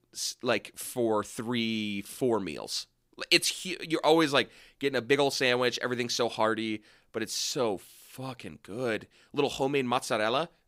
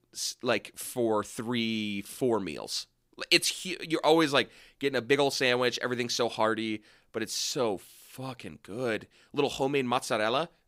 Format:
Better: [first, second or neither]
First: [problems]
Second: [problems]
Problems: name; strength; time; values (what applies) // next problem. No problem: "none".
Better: neither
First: none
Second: none